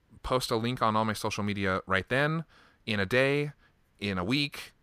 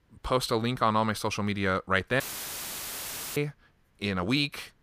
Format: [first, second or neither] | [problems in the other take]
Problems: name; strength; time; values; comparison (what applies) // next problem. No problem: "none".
first | audio cutting out; filled with static; at 2 s for 1 s